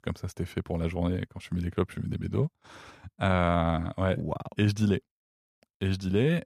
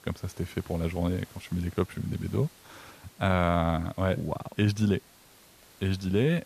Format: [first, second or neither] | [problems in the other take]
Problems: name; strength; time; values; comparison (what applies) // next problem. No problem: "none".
first | hiss; faint; throughout; 25 dB below the speech